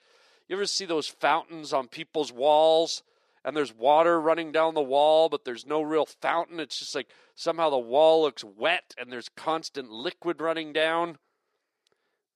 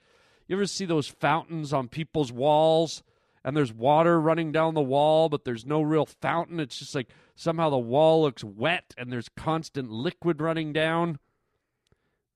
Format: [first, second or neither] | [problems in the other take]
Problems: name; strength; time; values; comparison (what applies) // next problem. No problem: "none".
second | thin; somewhat; fading below 450 Hz